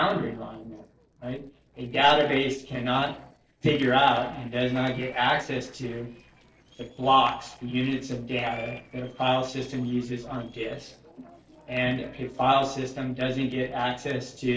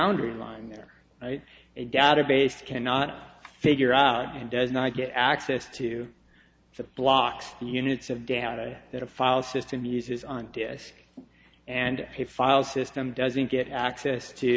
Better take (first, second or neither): second